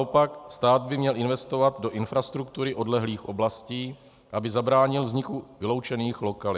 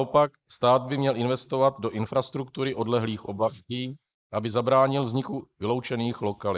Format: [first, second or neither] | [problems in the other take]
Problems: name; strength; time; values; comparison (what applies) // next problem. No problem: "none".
first | noise reduction (neural mask model Resemble Enhance denoiser)